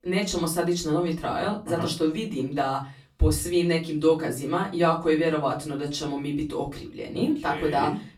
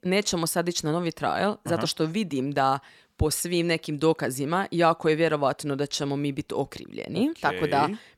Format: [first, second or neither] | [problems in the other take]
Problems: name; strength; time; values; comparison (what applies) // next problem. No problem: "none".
second | off-mic speech; far // room echo; slight; dies away in 0.3 s